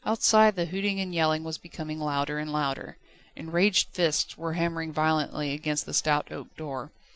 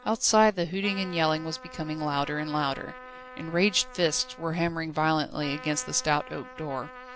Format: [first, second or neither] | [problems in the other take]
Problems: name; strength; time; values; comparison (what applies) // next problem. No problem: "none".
first | background sound (Trumpet); 17 dB below the speech